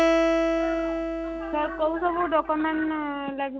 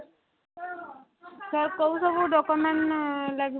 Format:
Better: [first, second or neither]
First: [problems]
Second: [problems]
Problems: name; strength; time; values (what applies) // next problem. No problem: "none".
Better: second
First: background sound (Acoustic guitar); 1 dB above the speech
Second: none